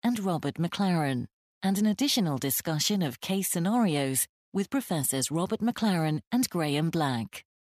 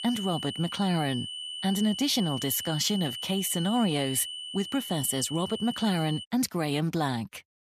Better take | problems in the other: first | high-pitched whine; loud; until 6 s; 3 kHz, 7 dB below the speech

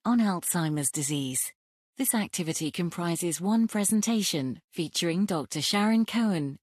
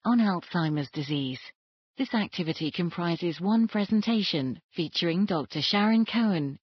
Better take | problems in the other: first | garbled, watery; badly; nothing above 5 kHz; slightly in the first

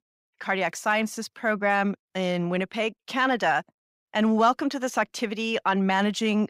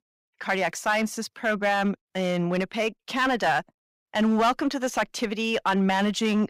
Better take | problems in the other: first | distortion; slight; 5% of the sound clipped

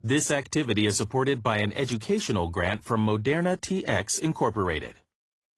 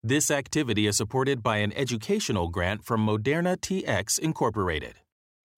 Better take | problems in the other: second | garbled, watery; slightly

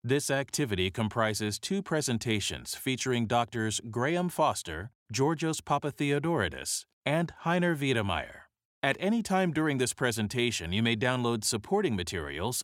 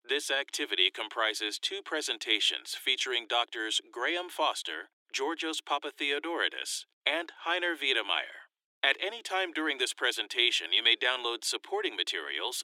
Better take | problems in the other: first | thin; very; fading below 300 Hz

